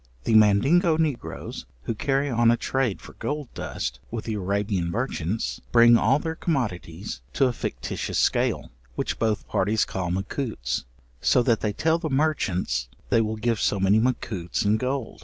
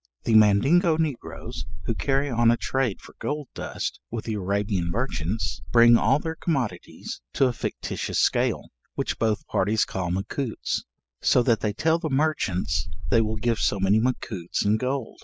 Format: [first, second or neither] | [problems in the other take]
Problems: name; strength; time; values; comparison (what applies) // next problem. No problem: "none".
first | noise reduction (classical method spectral subtraction)